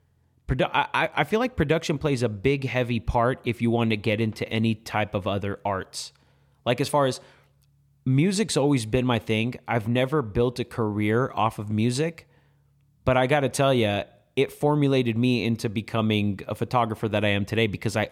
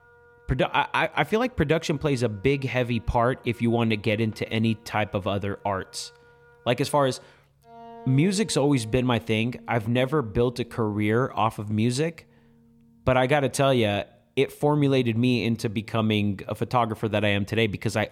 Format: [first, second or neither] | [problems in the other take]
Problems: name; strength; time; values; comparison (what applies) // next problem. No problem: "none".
first | background music; faint; throughout; 25 dB below the speech